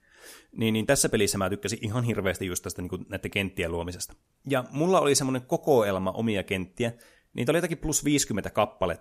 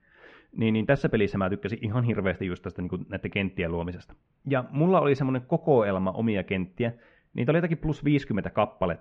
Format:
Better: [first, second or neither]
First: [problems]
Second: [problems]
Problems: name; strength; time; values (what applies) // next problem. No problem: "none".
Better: first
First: none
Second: muffled; very; fading above 3 kHz